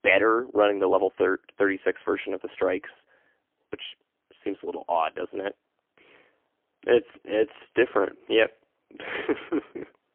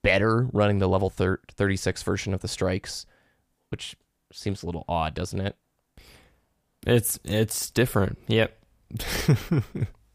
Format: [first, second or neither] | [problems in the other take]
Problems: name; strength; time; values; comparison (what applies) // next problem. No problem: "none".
second | phone-call audio; poor line; nothing above 3 kHz